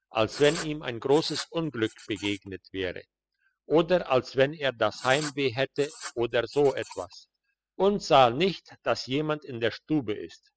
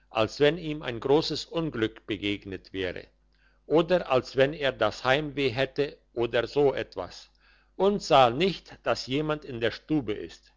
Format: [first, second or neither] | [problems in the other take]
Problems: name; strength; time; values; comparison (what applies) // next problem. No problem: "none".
second | noise reduction (classical method spectral subtraction)